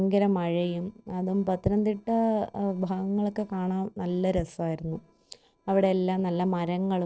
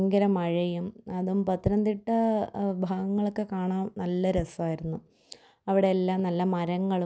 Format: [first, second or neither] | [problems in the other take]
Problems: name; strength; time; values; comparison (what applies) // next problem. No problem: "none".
second | noise reduction (neural separator model SepFormer DNS4)